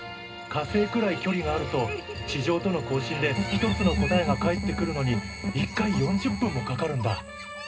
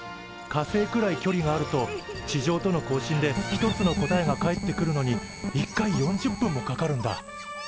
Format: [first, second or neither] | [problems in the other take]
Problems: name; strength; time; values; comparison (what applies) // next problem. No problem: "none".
second | room echo; dies away in 0.2 s